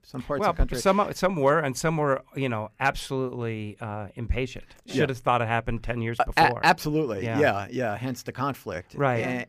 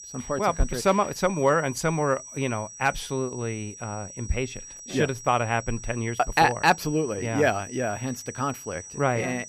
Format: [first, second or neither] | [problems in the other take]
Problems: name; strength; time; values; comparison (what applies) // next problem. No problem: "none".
first | high-pitched whine; noticeable; throughout; 6 kHz, 15 dB below the speech